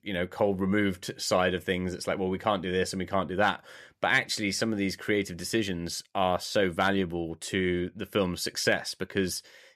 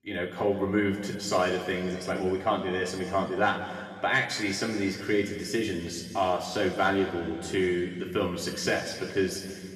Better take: first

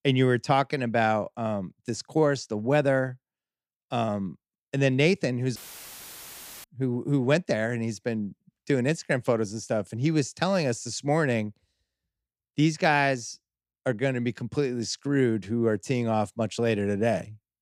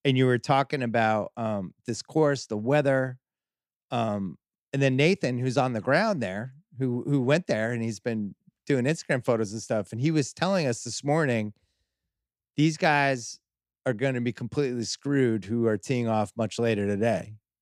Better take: second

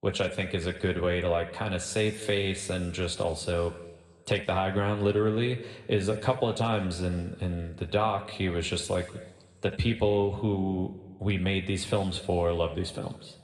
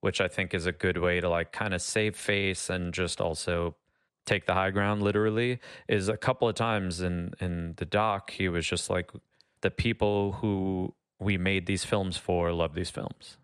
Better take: second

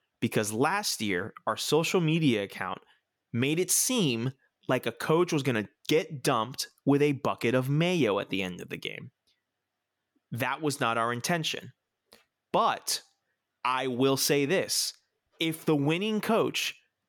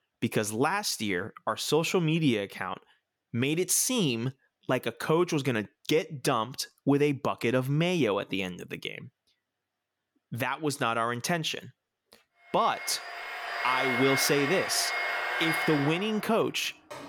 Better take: first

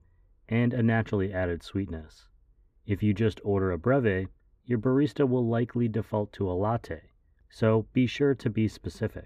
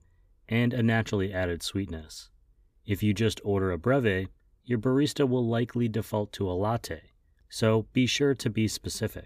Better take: second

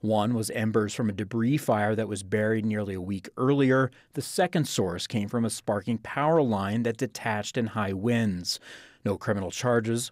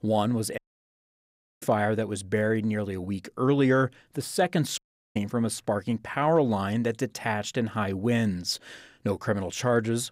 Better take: first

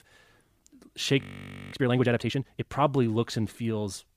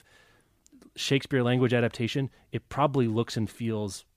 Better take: second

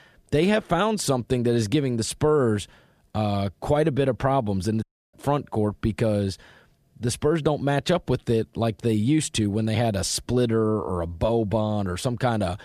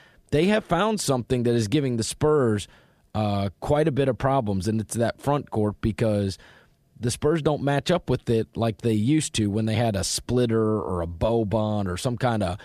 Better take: second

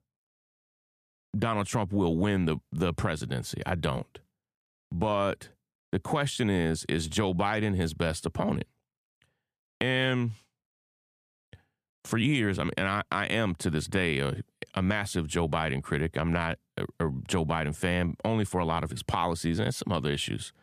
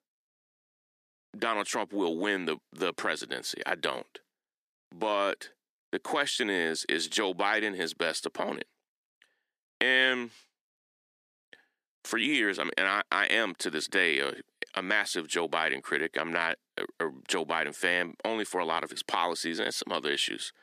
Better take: first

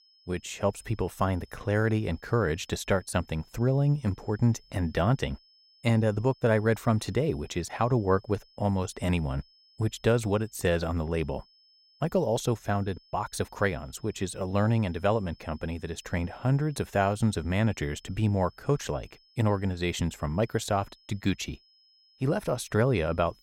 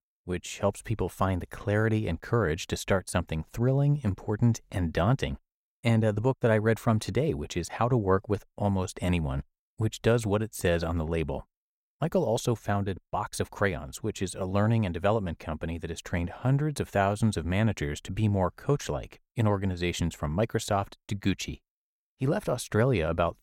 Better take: second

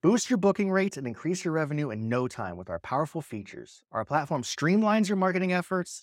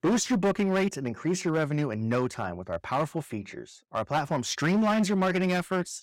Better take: first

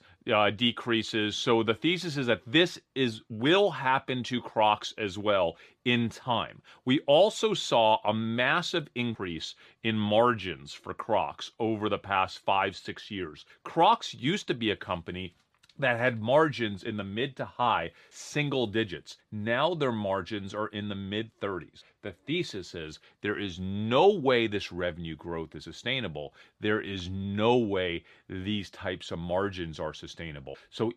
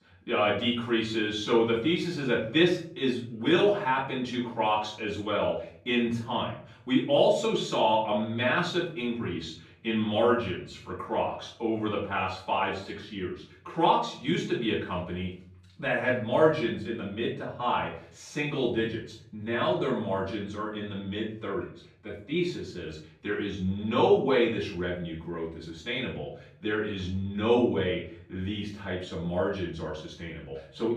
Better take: first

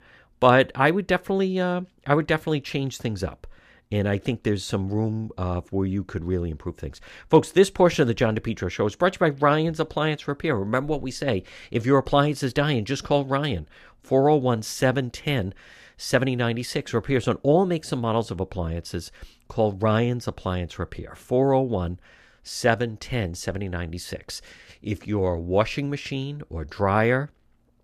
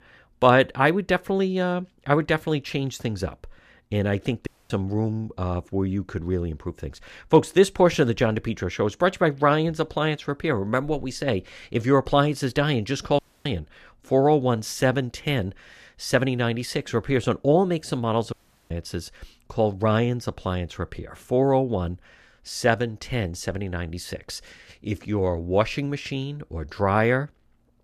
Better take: first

